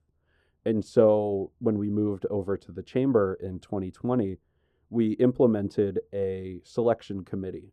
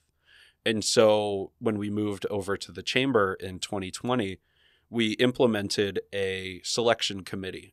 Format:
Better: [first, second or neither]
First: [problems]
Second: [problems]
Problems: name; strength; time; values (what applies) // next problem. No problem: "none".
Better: second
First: muffled; very; fading above 1 kHz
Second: none